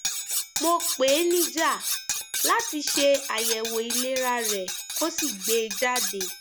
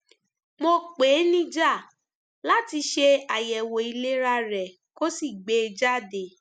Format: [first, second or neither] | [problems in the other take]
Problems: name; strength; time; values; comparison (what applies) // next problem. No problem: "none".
second | background sound (Cutlery, silverware); 3 dB below the speech